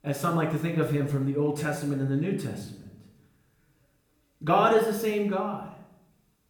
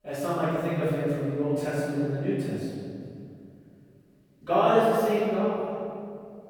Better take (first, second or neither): first